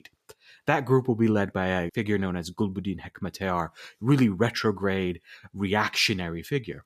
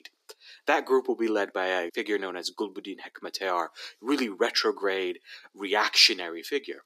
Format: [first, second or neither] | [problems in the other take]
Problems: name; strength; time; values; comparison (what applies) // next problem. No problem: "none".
first | thin; somewhat; fading below 300 Hz